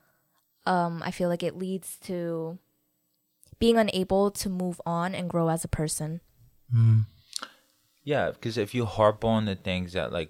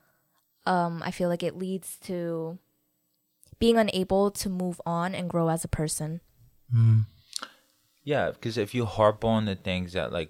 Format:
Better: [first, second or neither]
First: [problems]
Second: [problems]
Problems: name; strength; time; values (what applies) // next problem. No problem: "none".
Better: neither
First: none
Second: none